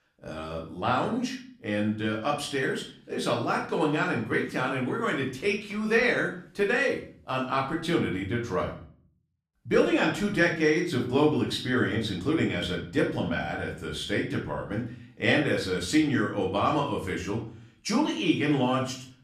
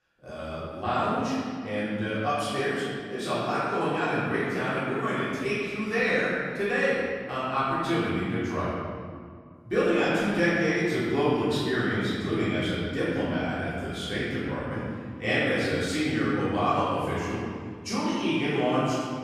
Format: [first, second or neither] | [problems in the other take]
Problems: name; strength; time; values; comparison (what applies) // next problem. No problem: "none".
first | room echo; strong; dies away in 1.9 s; slight in the first // off-mic speech; far; far in the first